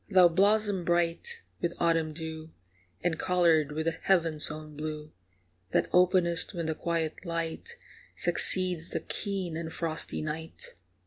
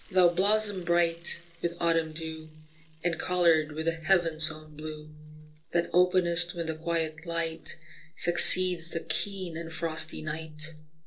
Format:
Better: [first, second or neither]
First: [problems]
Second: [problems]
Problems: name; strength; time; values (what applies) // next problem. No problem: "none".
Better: first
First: none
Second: noise reduction (neural separator model SepFormer DNS4)